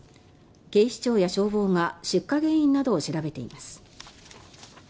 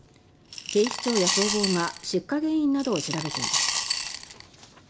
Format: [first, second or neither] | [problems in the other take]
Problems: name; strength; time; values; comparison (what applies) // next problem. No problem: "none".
first | background sound (Coin (dropping) / Glass); 2 dB below the speech